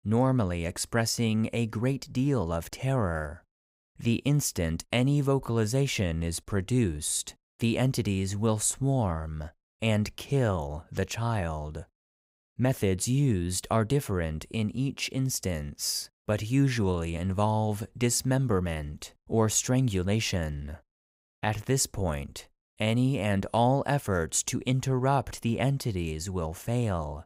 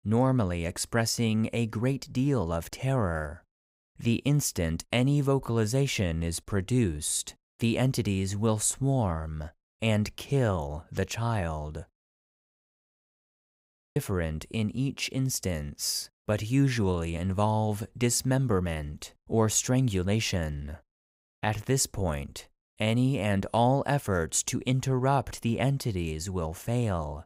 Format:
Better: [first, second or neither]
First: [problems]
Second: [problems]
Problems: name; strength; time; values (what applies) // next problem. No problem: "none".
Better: first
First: none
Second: audio freezing; at 12 s for 2 s